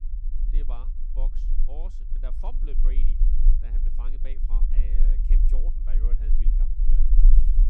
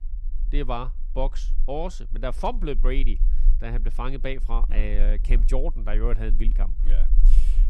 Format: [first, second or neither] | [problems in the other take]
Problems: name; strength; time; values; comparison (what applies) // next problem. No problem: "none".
second | low rumble; loud; throughout; 3 dB below the speech; faint in the second